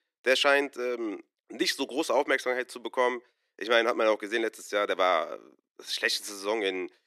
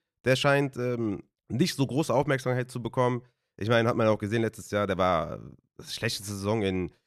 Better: second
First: thin; somewhat; fading below 300 Hz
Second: none

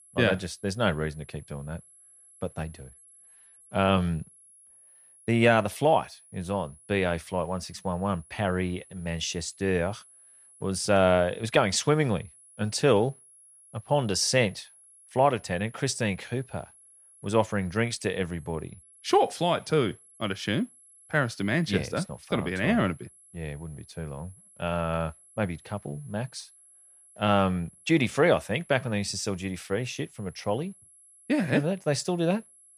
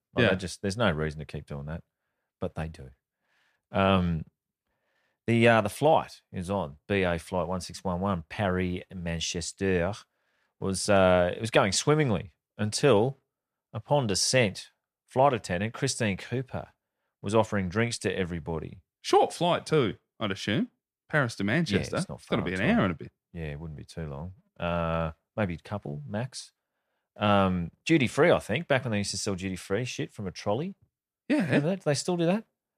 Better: second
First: high-pitched whine; faint; throughout; 11 kHz, 25 dB below the speech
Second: none

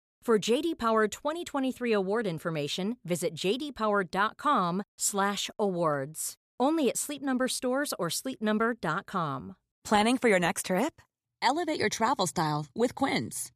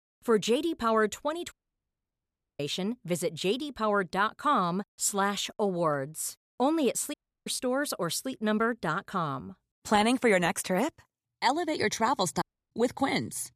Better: first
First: none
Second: audio cutting out; at 1.5 s for 1 s, at 7 s and at 12 s

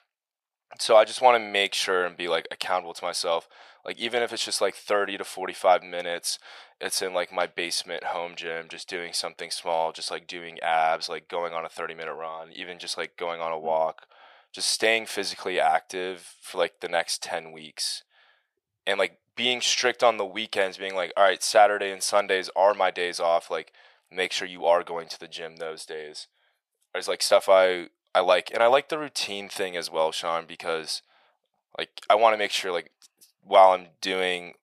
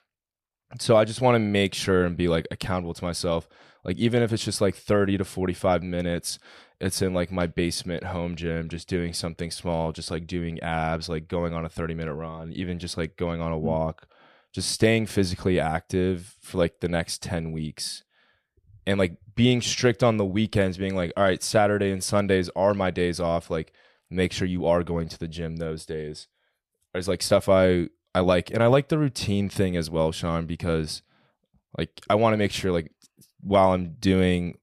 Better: second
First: thin; very; fading below 700 Hz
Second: none

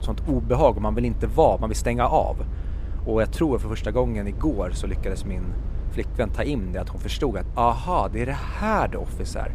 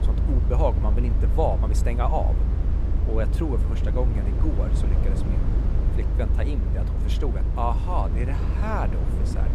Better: first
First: low rumble; faint; throughout; 20 dB below the speech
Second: low rumble; loud; throughout; 7 dB below the speech

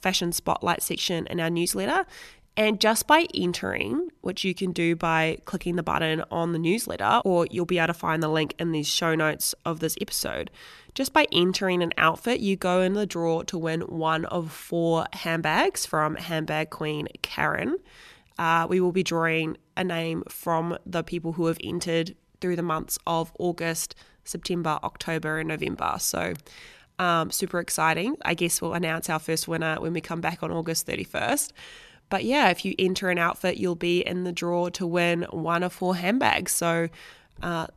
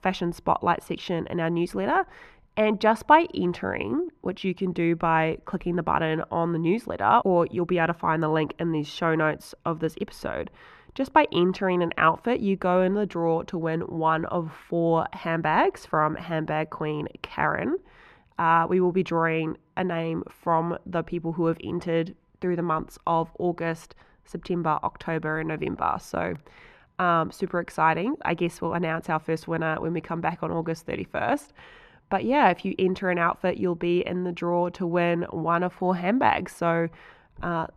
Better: first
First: none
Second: muffled; very; fading above 3.5 kHz

